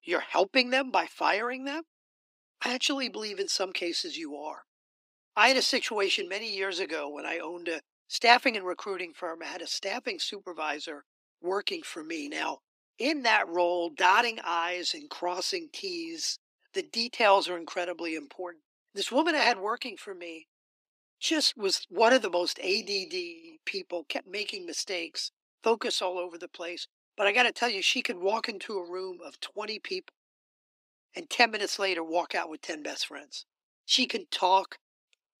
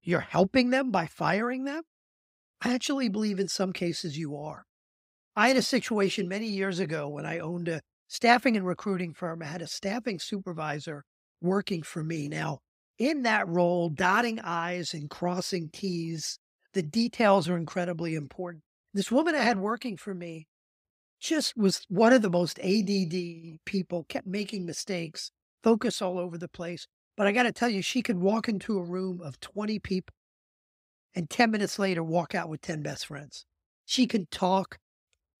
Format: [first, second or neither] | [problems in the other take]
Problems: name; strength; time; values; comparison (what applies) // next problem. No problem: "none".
second | thin; somewhat; fading below 300 Hz